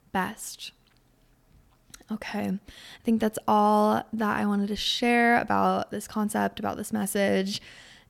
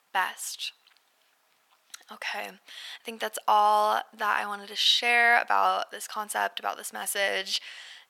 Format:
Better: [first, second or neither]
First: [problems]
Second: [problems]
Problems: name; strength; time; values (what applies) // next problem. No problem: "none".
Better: first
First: none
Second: thin; very; fading below 900 Hz